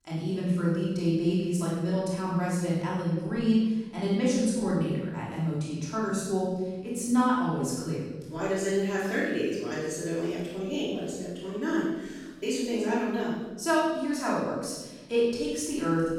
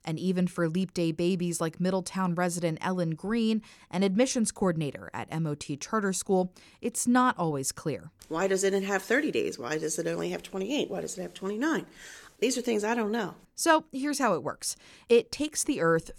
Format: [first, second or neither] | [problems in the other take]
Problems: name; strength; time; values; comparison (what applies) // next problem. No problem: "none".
second | off-mic speech; far // room echo; strong; dies away in 1.3 s